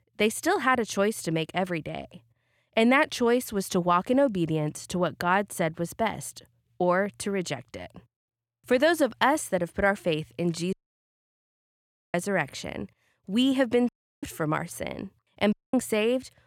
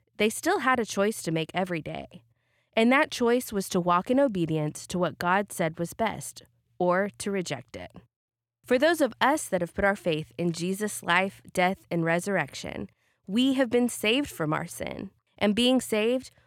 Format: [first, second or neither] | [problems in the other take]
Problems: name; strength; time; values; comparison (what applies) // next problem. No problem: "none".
second | audio cutting out; at 11 s for 1.5 s, at 14 s and at 16 s